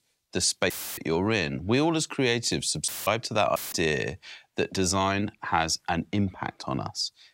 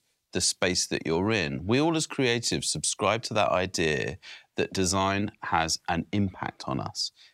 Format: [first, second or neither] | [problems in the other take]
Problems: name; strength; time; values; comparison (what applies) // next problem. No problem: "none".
second | audio cutting out; filled with static; at 0.5 s, at 3 s and at 3.5 s